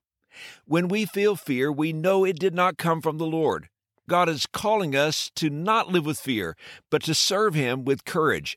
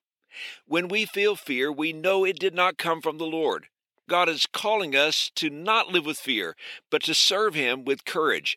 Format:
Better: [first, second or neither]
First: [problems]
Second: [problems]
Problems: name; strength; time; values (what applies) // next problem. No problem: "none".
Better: first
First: none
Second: thin; very slightly; fading below 350 Hz